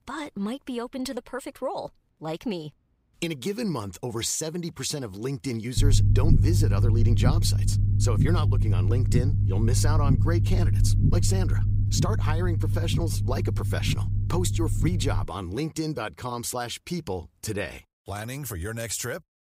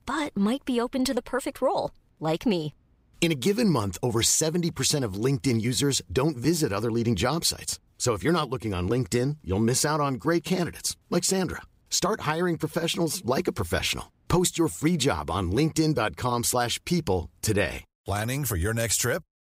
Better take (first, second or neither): second